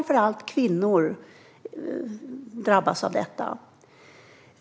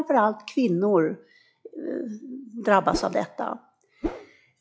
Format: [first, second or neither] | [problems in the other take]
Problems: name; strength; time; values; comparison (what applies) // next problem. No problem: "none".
first | noise reduction (classical method log-MMSE)